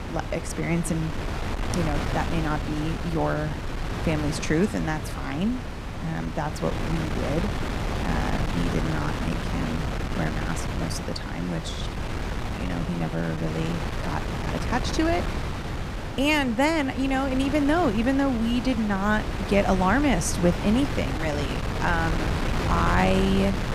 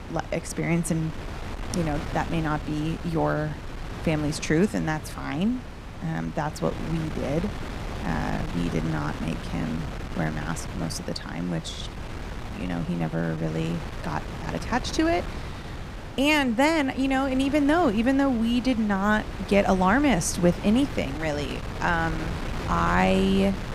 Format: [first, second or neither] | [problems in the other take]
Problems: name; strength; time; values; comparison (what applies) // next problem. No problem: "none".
second | wind noise on the microphone; heavy; 5 dB below the speech; occasional gusts in the second